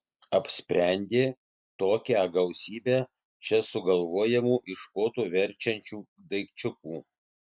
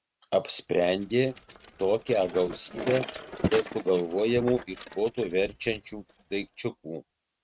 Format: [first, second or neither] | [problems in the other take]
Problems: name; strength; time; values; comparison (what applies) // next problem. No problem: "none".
first | noise reduction (neural mask model RNNoise)